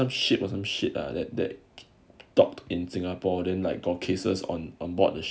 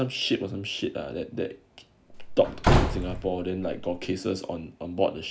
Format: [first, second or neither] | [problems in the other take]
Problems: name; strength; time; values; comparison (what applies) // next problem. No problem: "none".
first | background sound (Slam / Wood); 3 dB above the speech